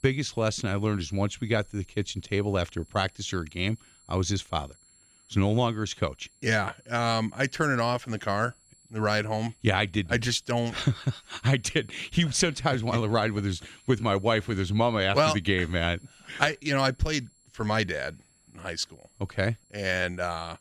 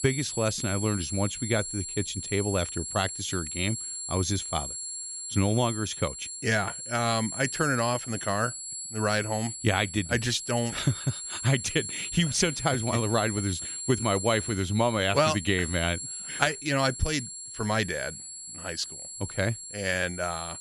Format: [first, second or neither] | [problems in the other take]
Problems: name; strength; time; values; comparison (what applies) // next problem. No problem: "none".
first | high-pitched whine; loud; throughout; 7.5 kHz, 6 dB below the speech; faint in the first